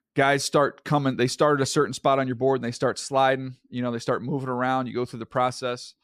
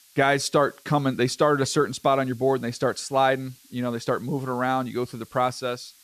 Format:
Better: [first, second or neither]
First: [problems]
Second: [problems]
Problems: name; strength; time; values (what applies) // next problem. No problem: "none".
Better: first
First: none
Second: hiss; faint; throughout; 25 dB below the speech